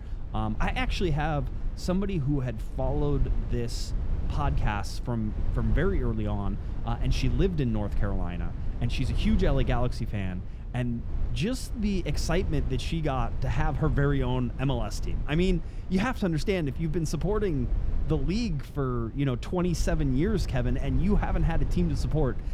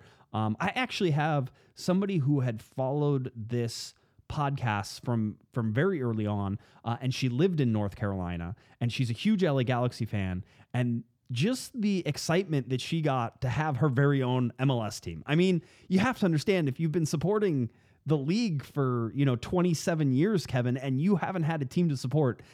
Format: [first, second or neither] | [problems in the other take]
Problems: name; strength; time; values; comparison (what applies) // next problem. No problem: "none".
second | low rumble; noticeable; throughout; 15 dB below the speech